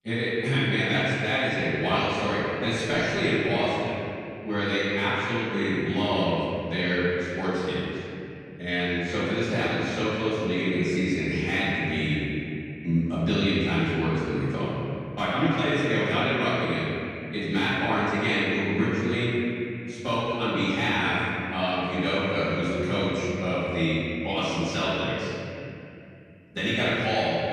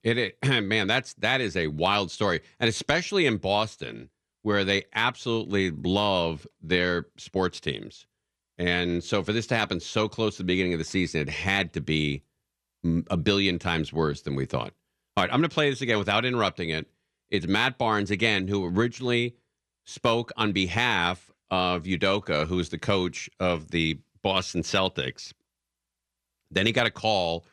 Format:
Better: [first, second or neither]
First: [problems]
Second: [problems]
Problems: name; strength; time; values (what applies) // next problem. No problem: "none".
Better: second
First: off-mic speech; far // room echo; strong; dies away in 2.9 s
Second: none